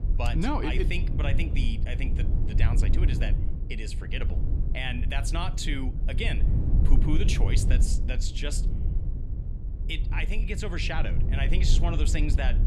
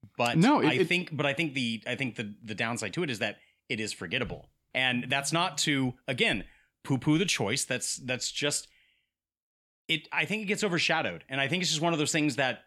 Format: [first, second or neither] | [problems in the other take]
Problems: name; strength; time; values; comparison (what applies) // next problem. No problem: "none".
second | low rumble; loud; throughout; 9 dB below the speech